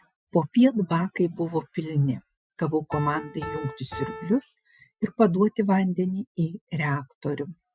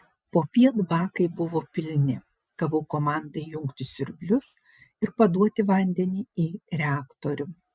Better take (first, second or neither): second